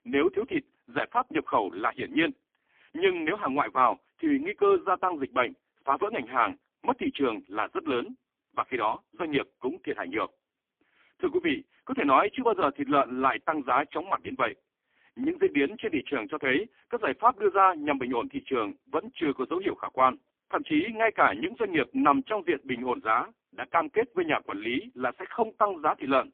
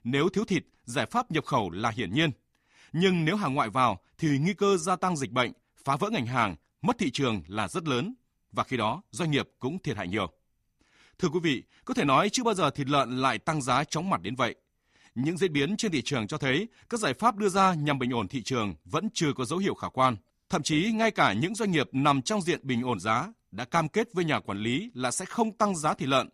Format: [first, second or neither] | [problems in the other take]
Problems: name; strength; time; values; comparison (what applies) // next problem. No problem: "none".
second | phone-call audio; poor line; nothing above 3.5 kHz